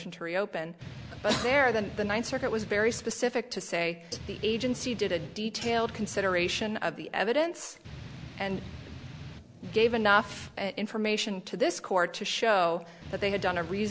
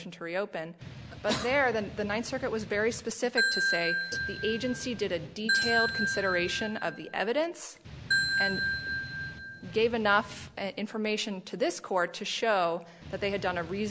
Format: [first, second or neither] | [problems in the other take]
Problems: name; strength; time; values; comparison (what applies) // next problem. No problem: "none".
first | background sound (Ringtone / Bell); as loud as the speech